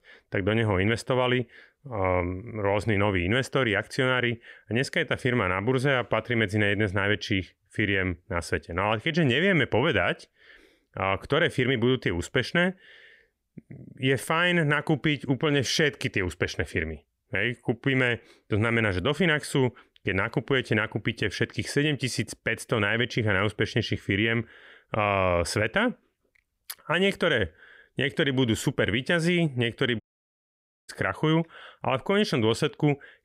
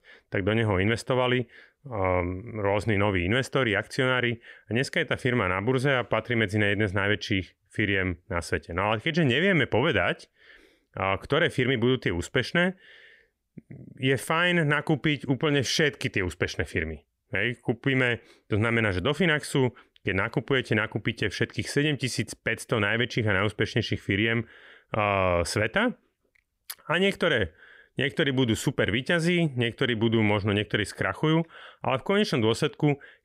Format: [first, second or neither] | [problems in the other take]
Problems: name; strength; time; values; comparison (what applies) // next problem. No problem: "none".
second | audio cutting out; at 30 s for 1 s